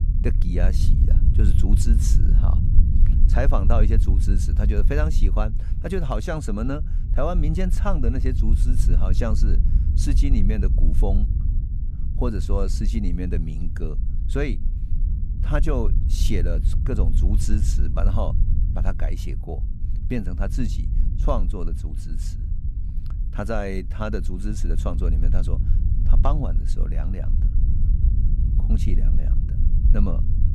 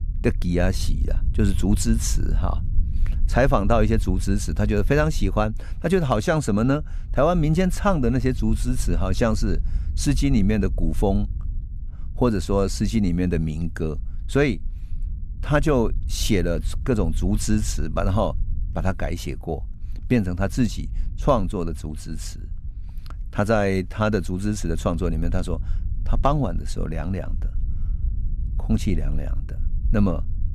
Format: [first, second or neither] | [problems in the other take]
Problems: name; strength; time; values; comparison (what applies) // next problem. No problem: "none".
second | low rumble; loud; throughout; 9 dB below the speech; faint in the second